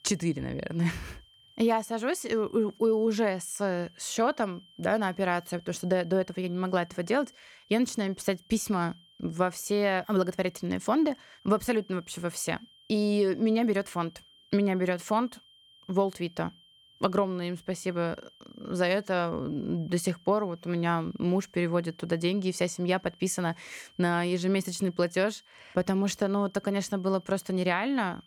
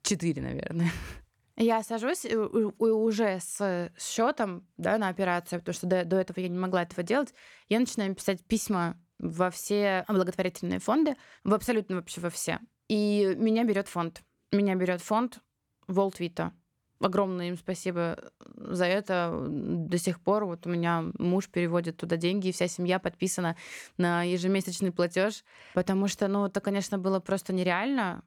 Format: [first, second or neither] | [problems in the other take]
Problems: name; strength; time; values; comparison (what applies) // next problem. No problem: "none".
second | high-pitched whine; faint; throughout; 3 kHz, 30 dB below the speech